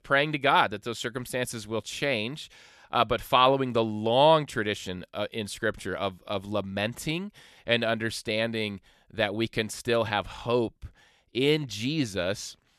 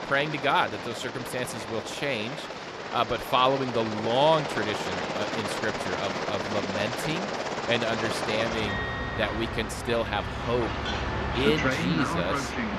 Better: first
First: none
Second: train or aircraft noise; loud; throughout; 2 dB below the speech

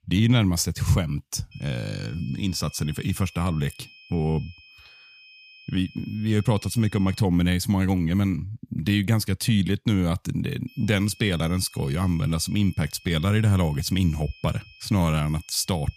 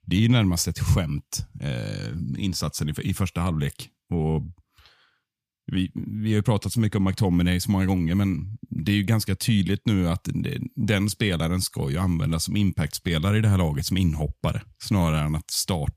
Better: second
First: high-pitched whine; faint; from 1.5 to 7 s and from 11 s on; 2.5 kHz, 25 dB below the speech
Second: none

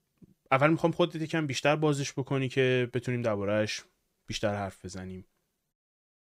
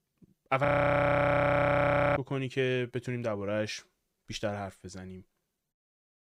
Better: first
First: none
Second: audio freezing; at 0.5 s for 1.5 s

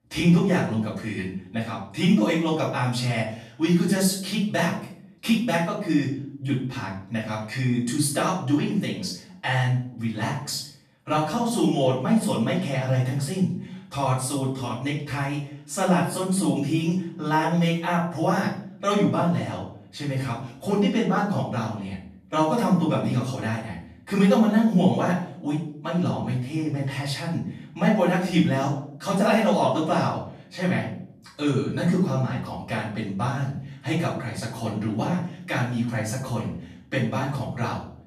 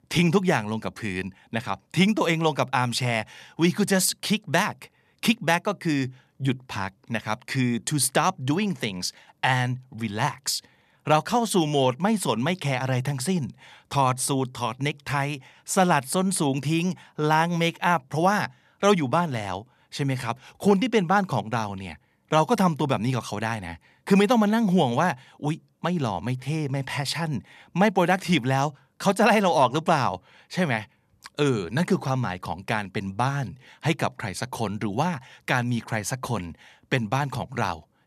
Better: second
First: off-mic speech; far // room echo; noticeable; dies away in 0.6 s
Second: none

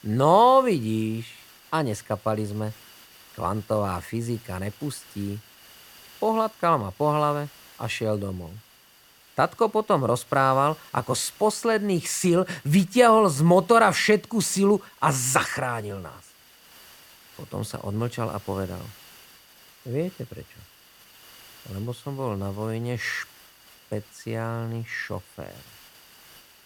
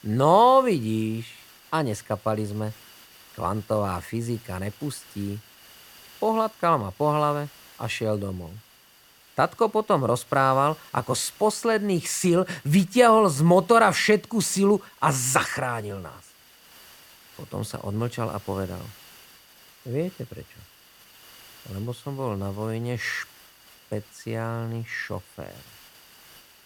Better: neither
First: hiss; faint; throughout; 25 dB below the speech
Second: hiss; faint; throughout; 25 dB below the speech

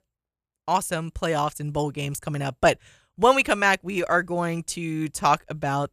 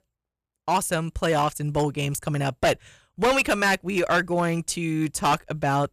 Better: first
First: none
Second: distortion; heavy; 6% of the sound clipped

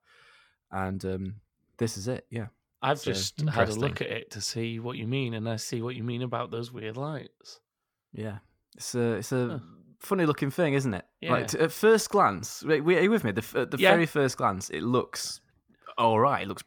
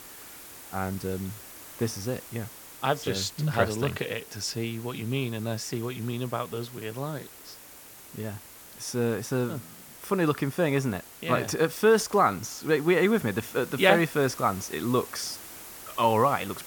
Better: first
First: none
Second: hiss; noticeable; throughout; 15 dB below the speech

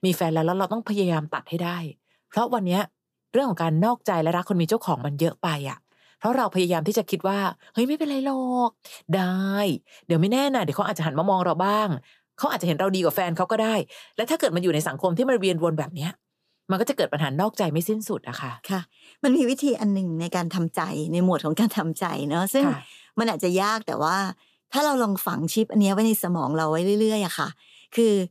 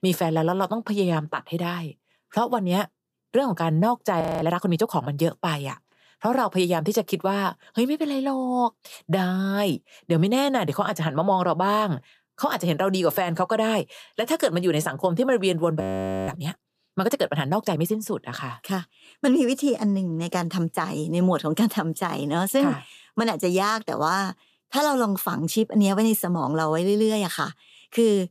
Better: first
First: none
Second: audio freezing; at 4 s and at 16 s

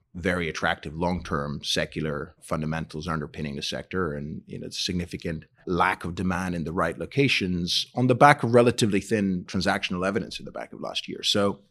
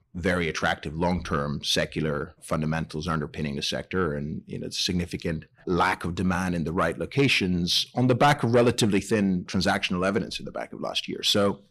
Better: first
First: none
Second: distortion; slight; 10 dB below the speech

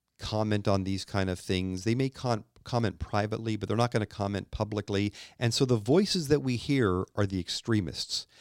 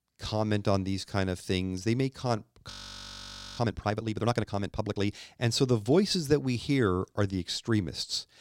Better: first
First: none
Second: audio freezing; at 2.5 s for 1 s

